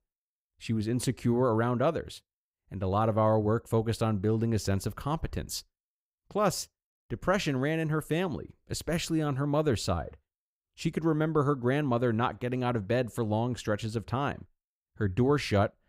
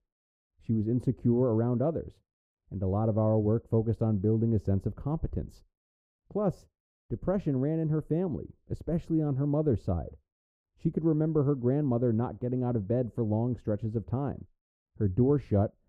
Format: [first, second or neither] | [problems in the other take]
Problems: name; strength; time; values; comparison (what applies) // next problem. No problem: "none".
first | muffled; very; fading above 1 kHz